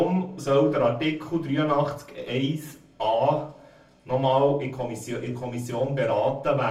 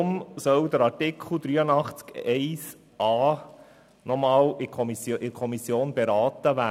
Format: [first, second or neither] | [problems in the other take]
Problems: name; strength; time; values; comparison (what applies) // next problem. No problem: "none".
second | room echo; dies away in 0.3 s